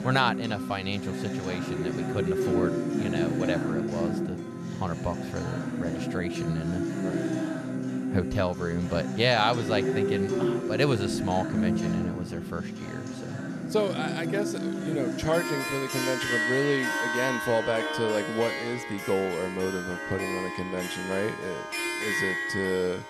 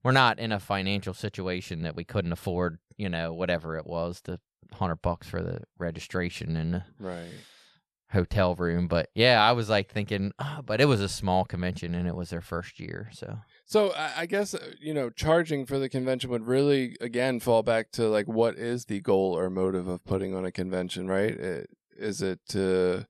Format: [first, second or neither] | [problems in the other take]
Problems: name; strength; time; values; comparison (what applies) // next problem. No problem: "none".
second | background music; loud; throughout; as loud as the speech